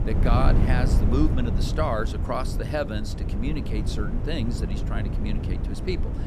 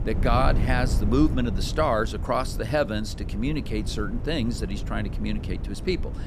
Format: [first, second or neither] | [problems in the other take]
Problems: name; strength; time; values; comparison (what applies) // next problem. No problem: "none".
second | wind noise on the microphone; heavy; 6 dB below the speech; occasional gusts in the second